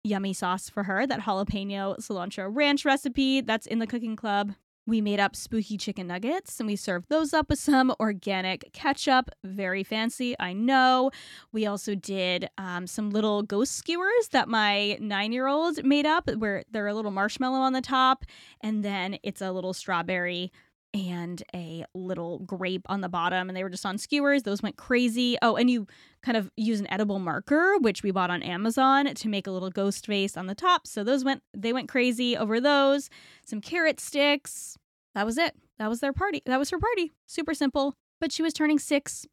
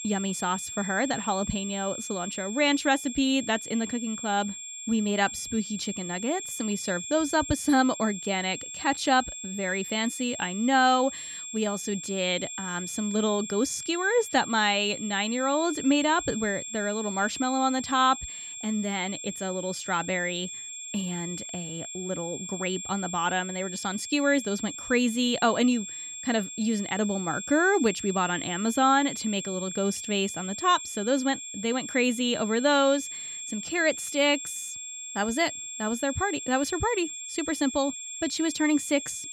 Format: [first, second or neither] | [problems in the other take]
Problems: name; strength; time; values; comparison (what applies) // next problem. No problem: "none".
first | high-pitched whine; loud; throughout; 7.5 kHz, 8 dB below the speech